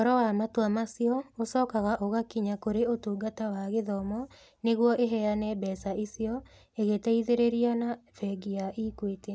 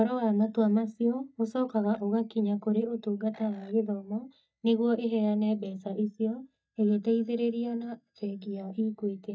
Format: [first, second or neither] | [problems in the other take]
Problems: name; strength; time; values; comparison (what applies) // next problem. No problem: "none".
first | noise reduction (neural mask model DeepFilterNet 3)